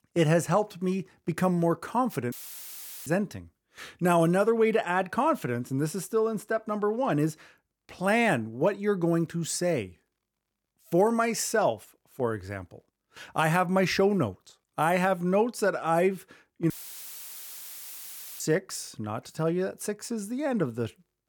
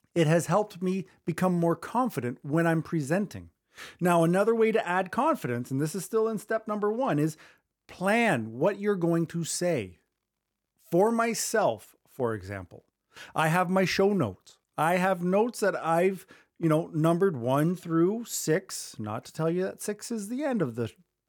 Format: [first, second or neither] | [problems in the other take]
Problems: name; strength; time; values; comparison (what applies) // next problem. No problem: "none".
second | audio cutting out; filled with static; at 2.5 s for 0.5 s and at 17 s for 1.5 s